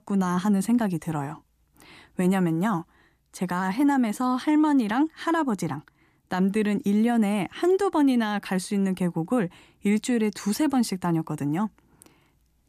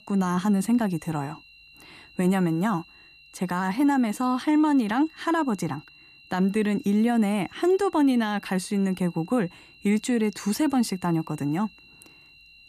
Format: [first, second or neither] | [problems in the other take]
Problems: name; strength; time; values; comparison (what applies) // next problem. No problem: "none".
first | high-pitched whine; faint; throughout; 3 kHz, 25 dB below the speech